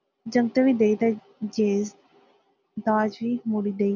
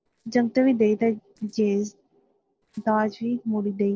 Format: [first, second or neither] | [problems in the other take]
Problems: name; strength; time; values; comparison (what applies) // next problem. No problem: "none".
first | noise reduction (neural separator model SepFormer DNS4)